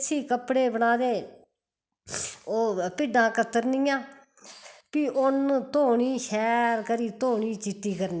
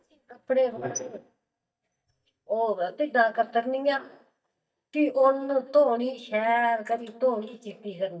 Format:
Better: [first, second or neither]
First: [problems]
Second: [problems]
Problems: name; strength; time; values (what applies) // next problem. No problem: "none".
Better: first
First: none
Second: noise reduction (neural mask model DeepFilterNet 3)